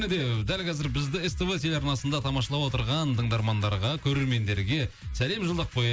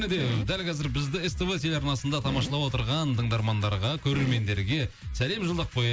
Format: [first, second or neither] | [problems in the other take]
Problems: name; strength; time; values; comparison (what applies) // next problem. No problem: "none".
first | background sound (Fart); 14 dB below the speech